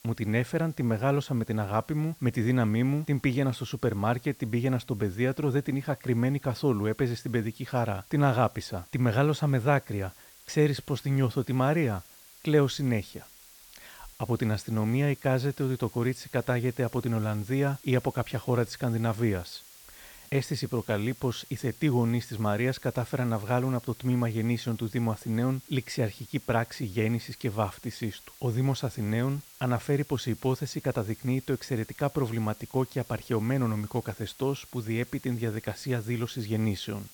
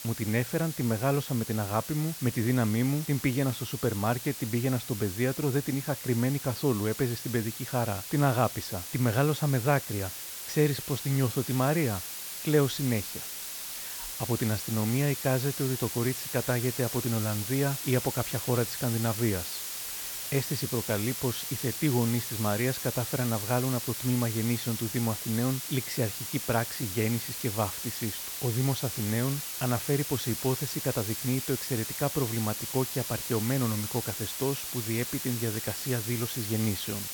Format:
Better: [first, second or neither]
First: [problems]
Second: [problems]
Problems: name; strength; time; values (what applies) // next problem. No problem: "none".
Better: first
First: hiss; faint; throughout; 20 dB below the speech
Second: hiss; loud; throughout; 5 dB below the speech